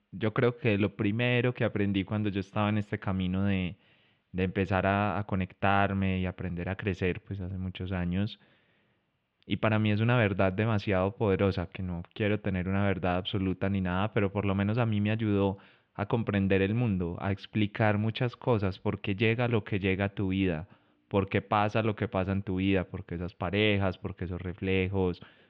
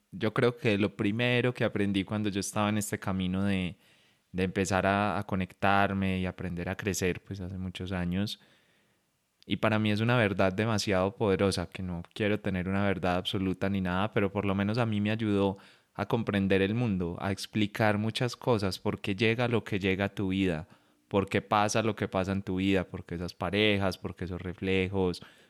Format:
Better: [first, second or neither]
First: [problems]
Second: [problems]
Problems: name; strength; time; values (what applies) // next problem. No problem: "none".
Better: second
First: muffled; very; fading above 3 kHz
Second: none